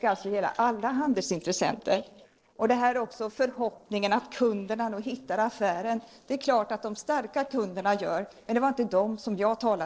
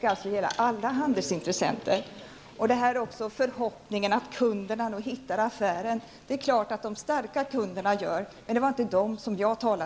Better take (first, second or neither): second